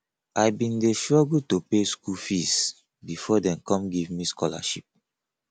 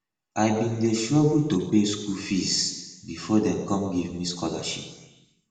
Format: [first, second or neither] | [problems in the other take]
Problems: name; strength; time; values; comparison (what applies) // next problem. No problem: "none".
first | room echo; dies away in 1 s